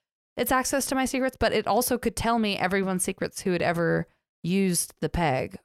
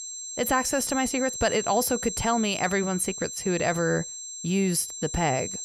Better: first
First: none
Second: high-pitched whine; loud; throughout; 7.5 kHz, 7 dB below the speech

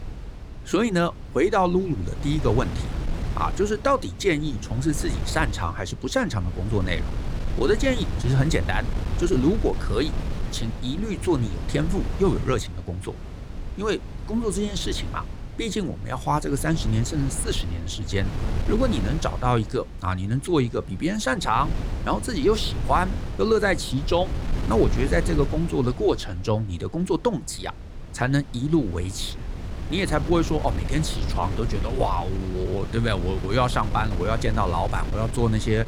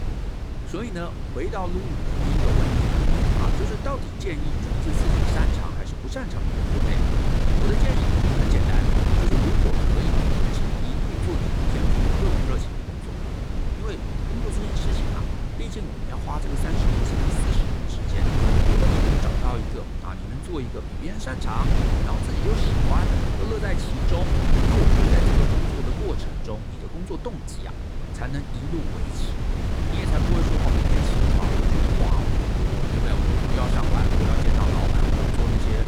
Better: first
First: wind noise on the microphone; occasional gusts; 15 dB below the speech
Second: wind noise on the microphone; heavy; 4 dB above the speech

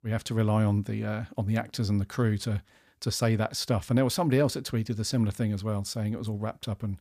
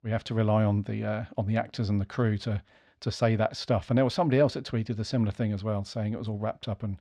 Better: first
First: none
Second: muffled; slightly; fading above 3.5 kHz

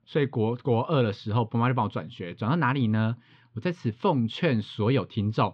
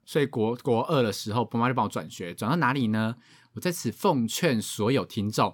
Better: second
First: muffled; slightly; fading above 3.5 kHz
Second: none

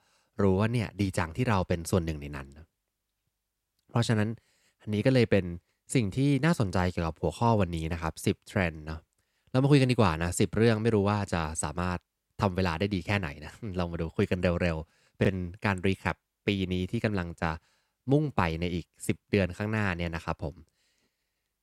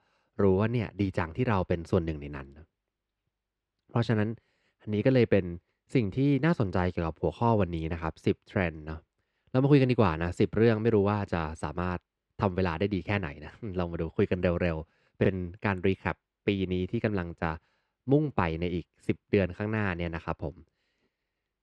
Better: first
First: none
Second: muffled; slightly; fading above 3 kHz

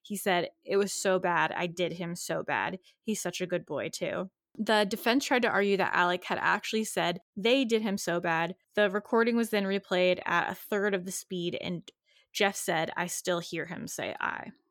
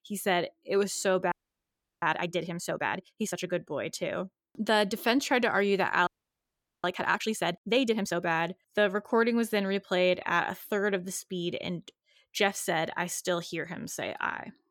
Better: first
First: none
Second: audio freezing; at 1.5 s for 0.5 s and at 6 s for 1 s

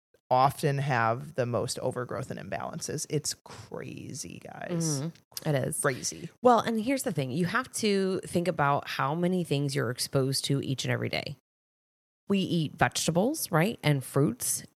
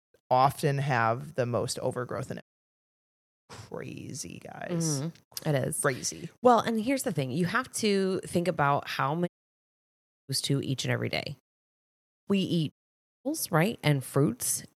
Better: first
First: none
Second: audio cutting out; at 2.5 s for 1 s, at 9.5 s for 1 s and at 13 s for 0.5 s

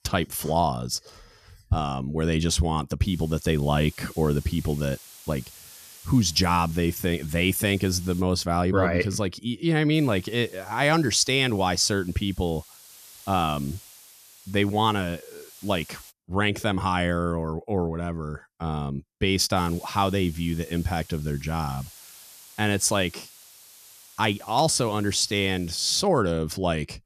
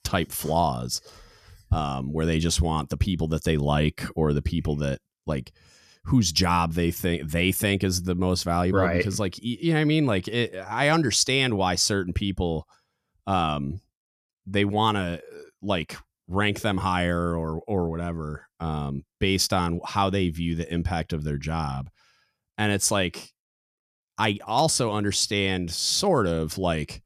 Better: second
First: hiss; faint; from 3 to 8 s, from 10 to 16 s and from 20 to 26 s; 20 dB below the speech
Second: none

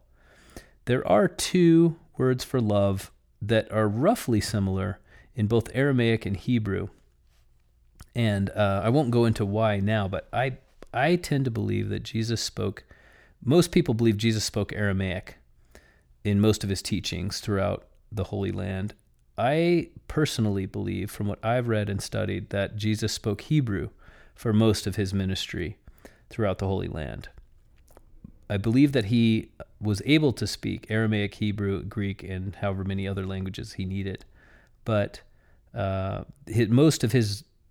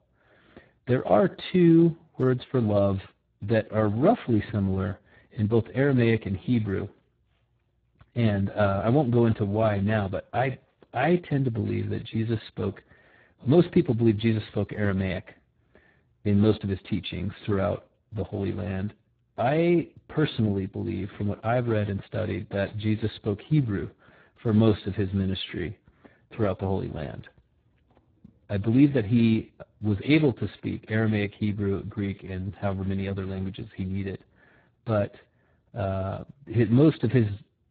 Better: first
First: none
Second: garbled, watery; badly; nothing above 4 kHz

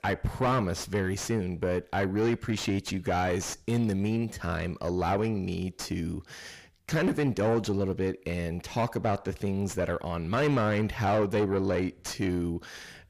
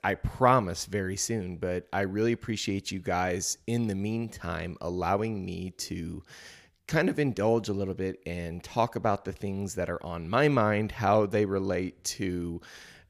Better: second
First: distortion; heavy; 7 dB below the speech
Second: none

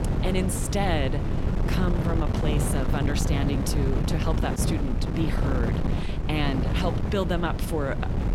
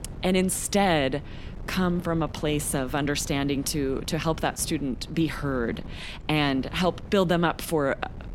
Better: second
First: wind noise on the microphone; heavy; 3 dB below the speech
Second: wind noise on the microphone; occasional gusts; 20 dB below the speech

